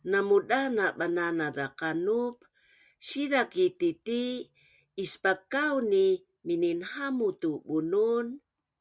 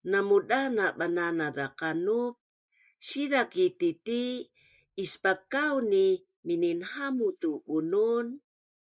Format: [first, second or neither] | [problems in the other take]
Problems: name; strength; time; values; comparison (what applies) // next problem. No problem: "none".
first | noise reduction (neural mask model Resemble Enhance denoiser)